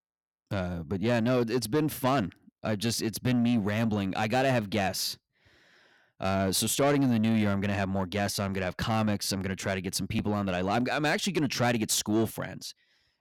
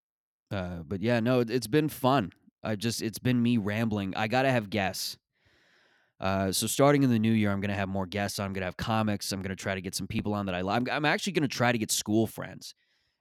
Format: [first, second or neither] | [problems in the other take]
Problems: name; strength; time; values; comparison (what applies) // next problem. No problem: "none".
second | distortion; slight; 10 dB below the speech